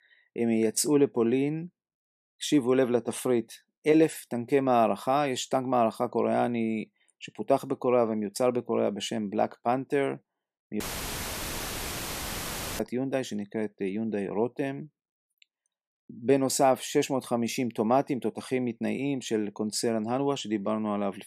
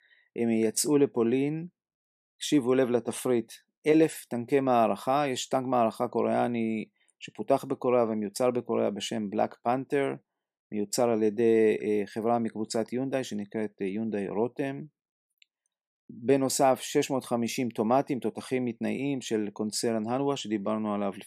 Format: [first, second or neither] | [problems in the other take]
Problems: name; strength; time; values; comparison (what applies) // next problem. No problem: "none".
second | audio cutting out; filled with static; at 11 s for 2 s